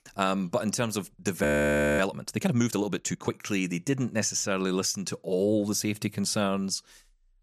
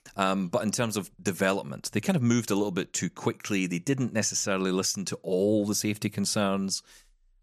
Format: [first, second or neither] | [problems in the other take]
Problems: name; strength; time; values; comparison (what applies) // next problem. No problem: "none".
second | audio freezing; at 1.5 s for 0.5 s